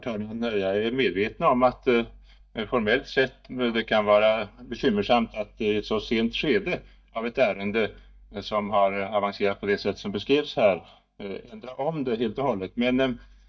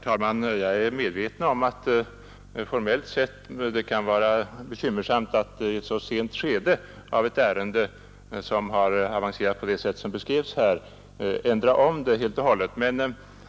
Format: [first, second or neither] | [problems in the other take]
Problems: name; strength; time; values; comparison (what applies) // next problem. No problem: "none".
second | noise reduction (neural mask model DeepFilterNet 3)